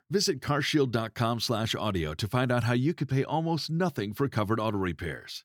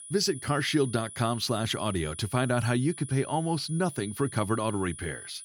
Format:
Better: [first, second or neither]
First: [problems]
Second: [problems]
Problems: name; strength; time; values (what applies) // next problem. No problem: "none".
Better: first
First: none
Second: high-pitched whine; noticeable; throughout; 10 kHz, 15 dB below the speech